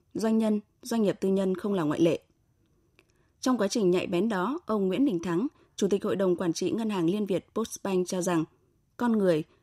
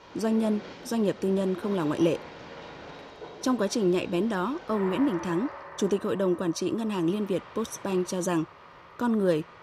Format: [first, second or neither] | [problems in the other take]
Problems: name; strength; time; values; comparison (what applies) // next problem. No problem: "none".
first | train or aircraft noise; noticeable; throughout; 15 dB below the speech